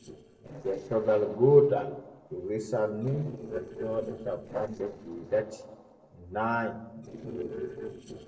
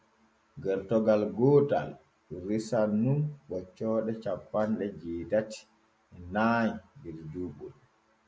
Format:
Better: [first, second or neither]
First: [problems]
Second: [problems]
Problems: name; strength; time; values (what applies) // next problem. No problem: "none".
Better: second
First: noise reduction (neural separator model SepFormer DNS4)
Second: none